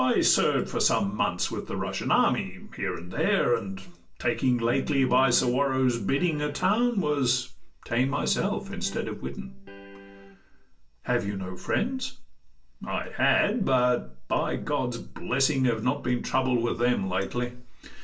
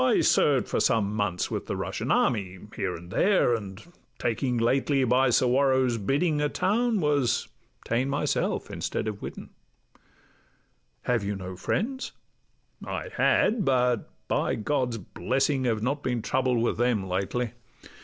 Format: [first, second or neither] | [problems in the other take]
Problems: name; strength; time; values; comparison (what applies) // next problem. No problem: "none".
second | background sound (Electric guitar); 15 dB below the speech // room echo; dies away in 0.3 s